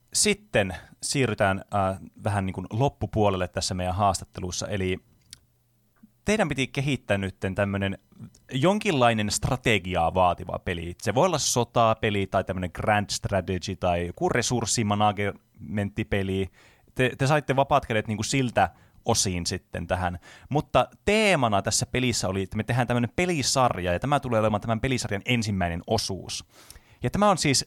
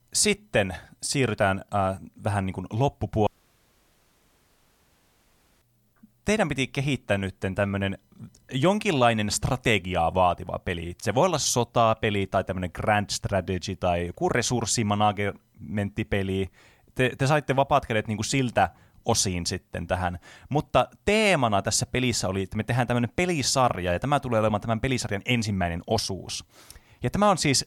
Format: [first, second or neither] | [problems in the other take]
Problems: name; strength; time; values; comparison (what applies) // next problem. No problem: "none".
first | audio cutting out; at 3.5 s for 2.5 s